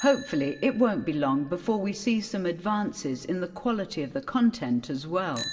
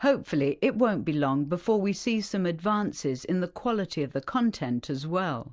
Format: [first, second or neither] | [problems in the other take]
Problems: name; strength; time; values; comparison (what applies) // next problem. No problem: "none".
second | background sound (Bicycle bell); 19 dB below the speech // room echo; dies away in 2.4 s